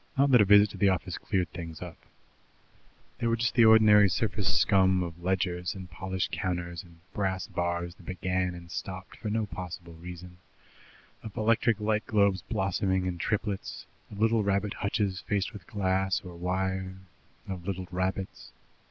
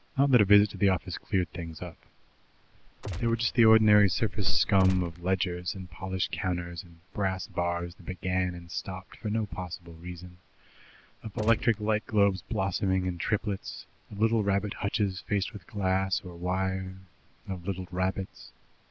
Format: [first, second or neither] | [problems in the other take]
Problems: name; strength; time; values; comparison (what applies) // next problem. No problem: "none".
first | background sound (Gunshot, gunfire); 9 dB below the speech